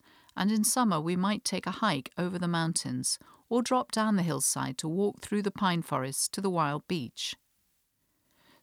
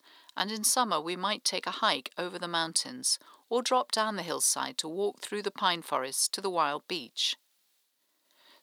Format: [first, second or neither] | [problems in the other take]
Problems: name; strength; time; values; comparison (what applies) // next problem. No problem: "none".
first | thin; somewhat; fading below 450 Hz